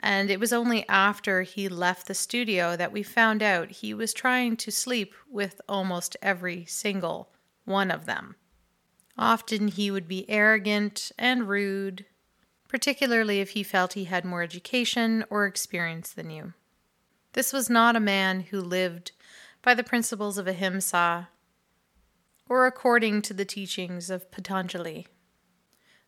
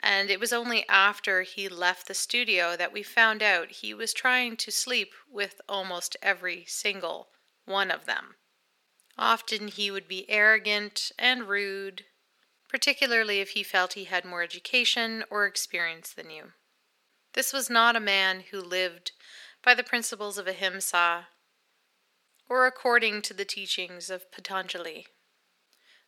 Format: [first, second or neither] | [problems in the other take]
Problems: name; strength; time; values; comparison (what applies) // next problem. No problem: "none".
first | thin; somewhat; fading below 300 Hz